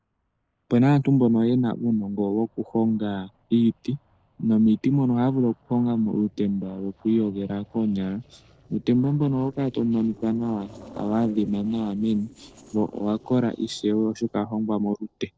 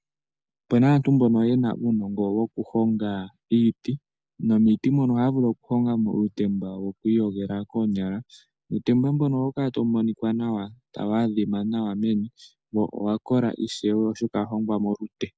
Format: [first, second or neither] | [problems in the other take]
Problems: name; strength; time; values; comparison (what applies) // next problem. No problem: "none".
second | noise reduction (neural separator model SepFormer DNS4)